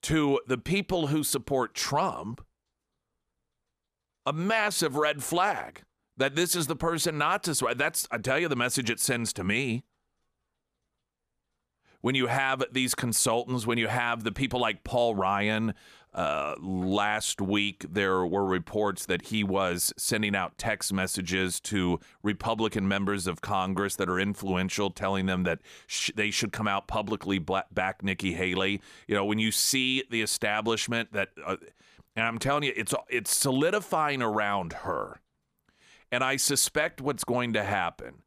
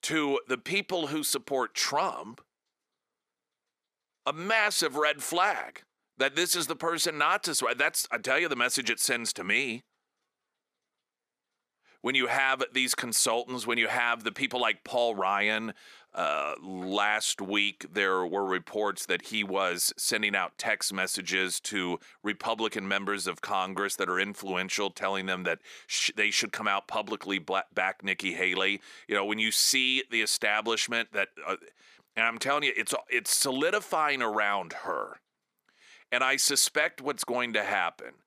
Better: first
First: none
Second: thin; somewhat; fading below 300 Hz

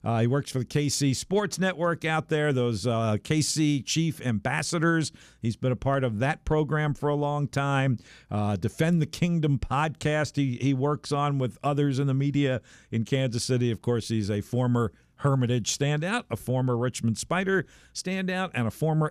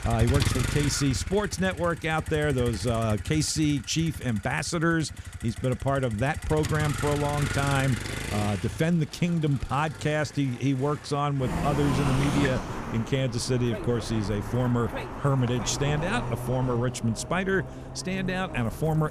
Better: first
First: none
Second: traffic noise; loud; throughout; 7 dB below the speech

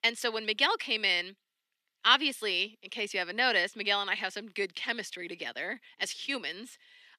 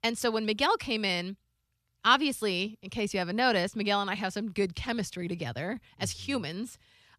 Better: second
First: thin; somewhat; fading below 250 Hz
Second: none

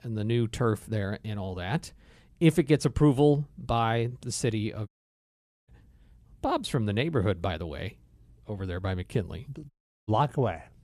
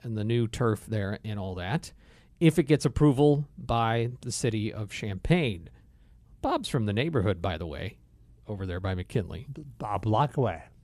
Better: second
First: audio cutting out; at 5 s for 1 s and at 9.5 s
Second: none

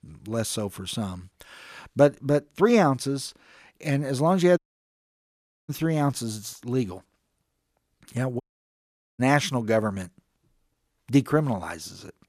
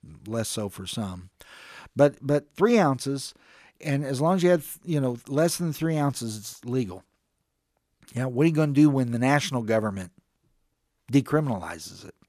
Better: second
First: audio cutting out; at 4.5 s for 1 s and at 8.5 s for 1 s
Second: none

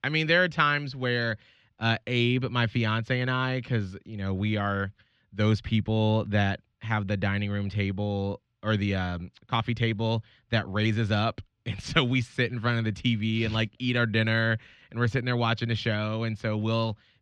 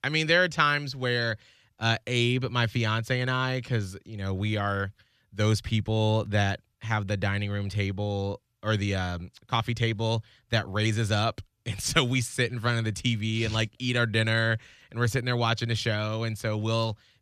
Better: second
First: muffled; very slightly; fading above 3 kHz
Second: none

